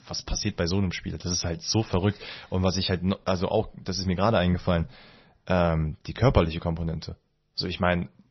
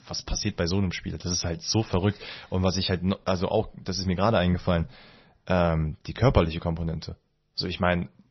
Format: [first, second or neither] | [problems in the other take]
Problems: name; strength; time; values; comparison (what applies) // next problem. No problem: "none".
neither | garbled, watery; slightly; nothing above 6 kHz; the same in both